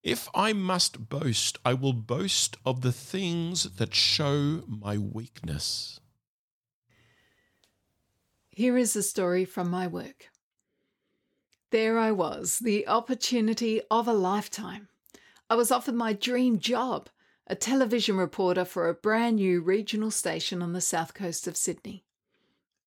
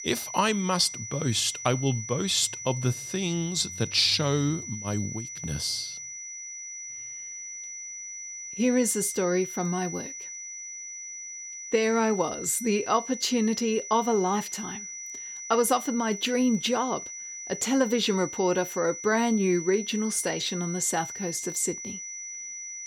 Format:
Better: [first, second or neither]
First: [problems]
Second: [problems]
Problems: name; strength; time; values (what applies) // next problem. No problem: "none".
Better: first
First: none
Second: high-pitched whine; loud; throughout; 6 kHz, 9 dB below the speech